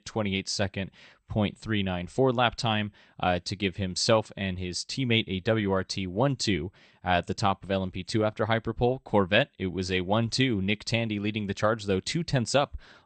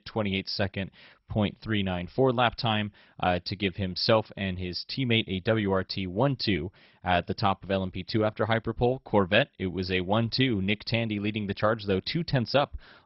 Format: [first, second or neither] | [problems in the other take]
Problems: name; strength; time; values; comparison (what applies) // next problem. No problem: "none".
first | garbled, watery; badly; nothing above 5.5 kHz; slightly in the first